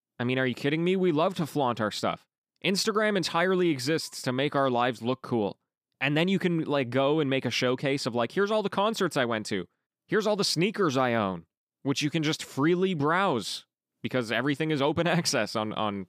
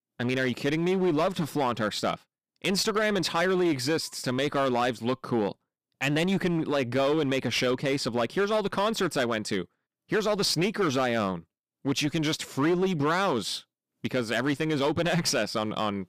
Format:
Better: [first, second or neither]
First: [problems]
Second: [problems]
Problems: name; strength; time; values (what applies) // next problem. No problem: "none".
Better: first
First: none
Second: distortion; slight; 9% of the sound clipped